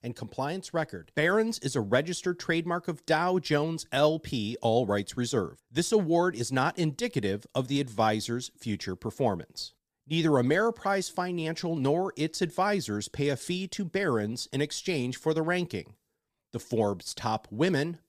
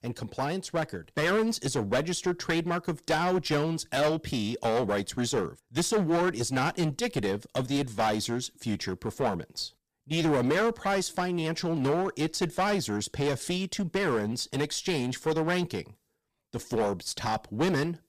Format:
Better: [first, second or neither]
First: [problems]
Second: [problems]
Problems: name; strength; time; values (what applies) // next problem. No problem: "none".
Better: first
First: none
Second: distortion; heavy; 11% of the sound clipped